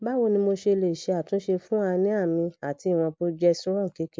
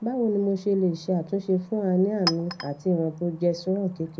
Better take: first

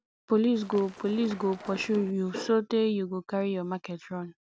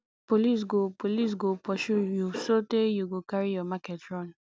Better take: second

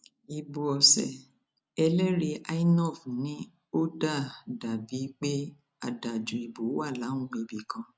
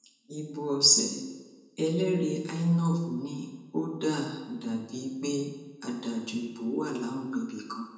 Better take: first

